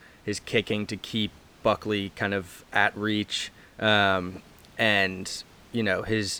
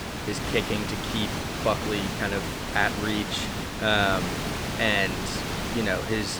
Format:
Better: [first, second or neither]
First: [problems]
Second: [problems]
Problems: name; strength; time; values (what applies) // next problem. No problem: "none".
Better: first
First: hiss; faint; throughout; 25 dB below the speech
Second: hiss; loud; throughout; 3 dB below the speech